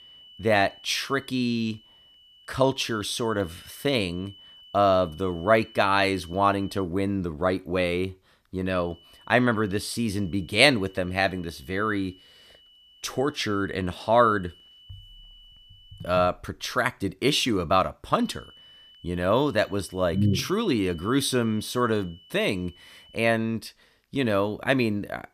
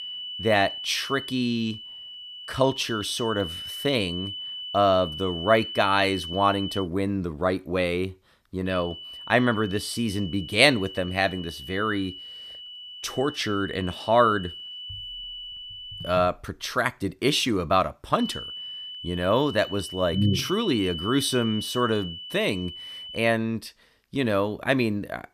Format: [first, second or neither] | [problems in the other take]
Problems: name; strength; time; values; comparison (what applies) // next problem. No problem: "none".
first | high-pitched whine; loud; until 7 s, from 8.5 to 16 s and from 18 to 23 s; 3 kHz, 10 dB below the speech; faint in the first